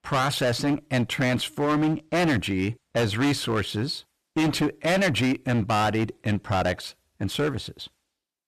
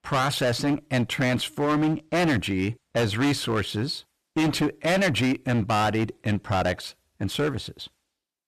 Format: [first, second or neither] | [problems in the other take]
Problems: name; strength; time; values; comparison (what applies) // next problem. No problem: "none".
neither | distortion; heavy; 15% of the sound clipped; the same in both